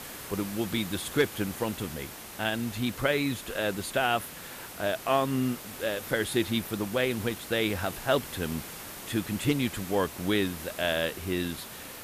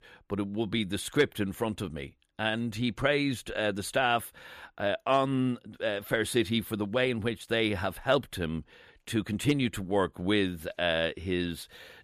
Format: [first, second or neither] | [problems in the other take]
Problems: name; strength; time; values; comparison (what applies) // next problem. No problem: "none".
second | hiss; noticeable; throughout; 10 dB below the speech